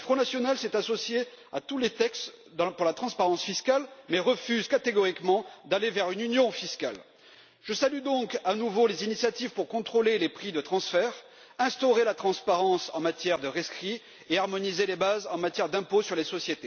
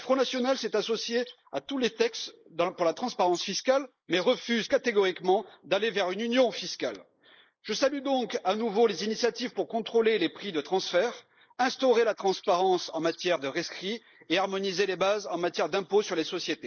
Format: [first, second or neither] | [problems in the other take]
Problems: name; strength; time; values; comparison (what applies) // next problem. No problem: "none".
first | noise reduction (neural mask model Resemble Enhance denoiser)